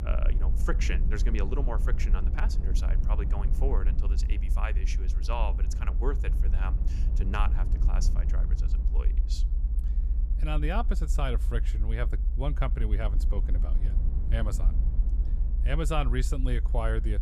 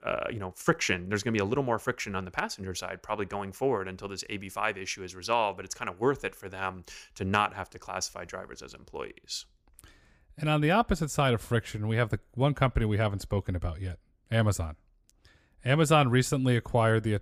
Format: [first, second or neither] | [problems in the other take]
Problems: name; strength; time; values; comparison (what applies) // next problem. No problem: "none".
second | low rumble; noticeable; throughout; 10 dB below the speech